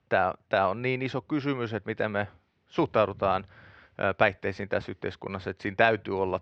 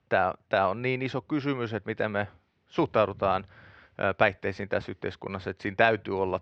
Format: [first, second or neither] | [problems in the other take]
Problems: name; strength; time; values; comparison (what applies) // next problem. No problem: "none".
neither | muffled; slightly; fading above 2.5 kHz; the same in both